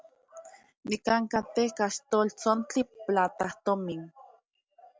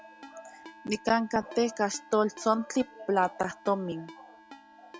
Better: first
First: none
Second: background sound (Musical instrument + Ringtone); 20 dB below the speech

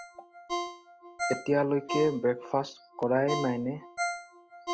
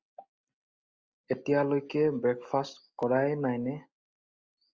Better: second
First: background sound (Ringtone); 7 dB below the speech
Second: none

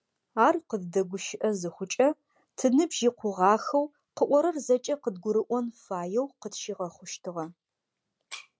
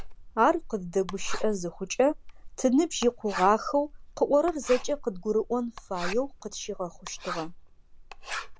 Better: first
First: none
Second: background sound (Writing); 9 dB below the speech

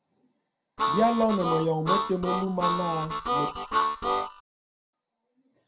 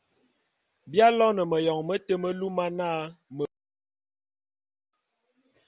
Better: second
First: background sound (Harmonica); 1 dB above the speech // room echo; dies away in 0.2 s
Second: none

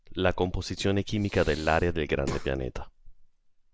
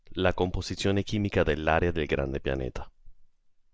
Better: second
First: background sound (Breathing); 11 dB below the speech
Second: none

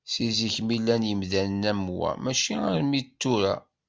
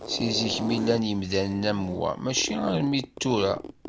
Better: first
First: none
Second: background sound (Zipper (clothing)); 10 dB below the speech

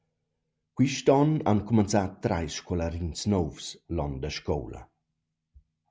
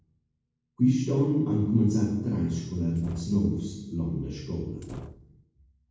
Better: first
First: none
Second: noise reduction (neural separator model SepFormer DNS4)

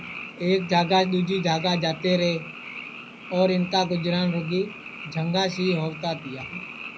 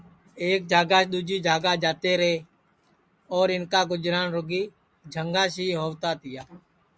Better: second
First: background sound (Frog); 13 dB below the speech // room echo; dies away in 0.4 s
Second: none

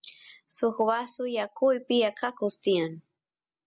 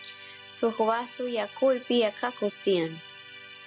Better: first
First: none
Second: background sound (Musical instrument); 18 dB below the speech

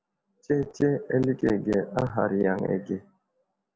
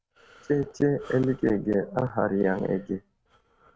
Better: first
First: none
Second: noise reduction (neural mask model RNNoise)

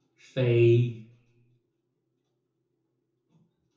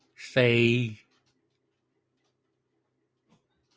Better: second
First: room echo; dies away in 0.6 s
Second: none

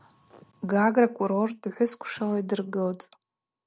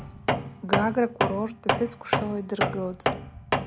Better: first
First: none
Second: background sound (Tools); 2 dB above the speech

